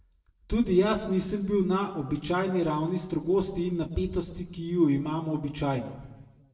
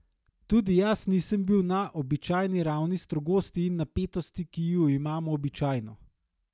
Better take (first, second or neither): second